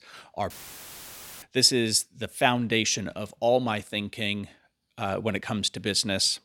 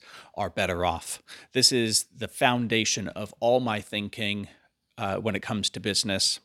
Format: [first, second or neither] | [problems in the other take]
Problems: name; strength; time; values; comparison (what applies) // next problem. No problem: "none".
second | audio cutting out; filled with static; at 0.5 s for 1 s